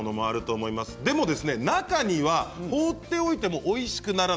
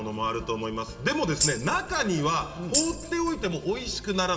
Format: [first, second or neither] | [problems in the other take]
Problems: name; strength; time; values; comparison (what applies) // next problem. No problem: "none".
first | background sound (Tambourine); 4 dB below the speech // room echo; dies away in 2.4 s